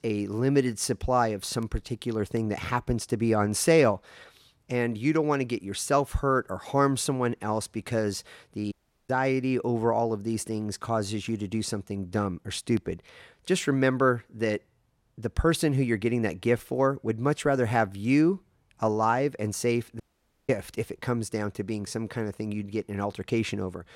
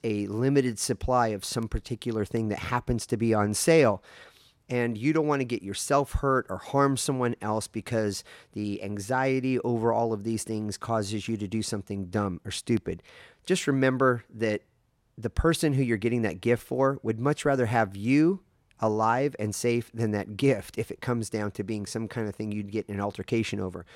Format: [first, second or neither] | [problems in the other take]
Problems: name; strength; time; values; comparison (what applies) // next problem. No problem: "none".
second | audio cutting out; at 8.5 s and at 20 s